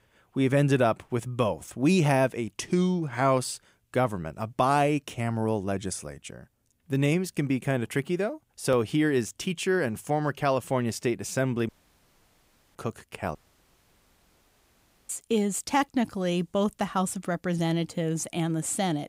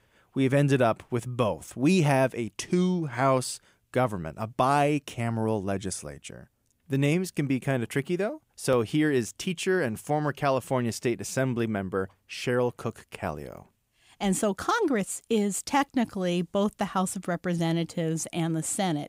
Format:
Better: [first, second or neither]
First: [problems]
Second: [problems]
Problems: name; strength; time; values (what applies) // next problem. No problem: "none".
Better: second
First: audio cutting out; at 12 s for 1 s and at 13 s for 1.5 s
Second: none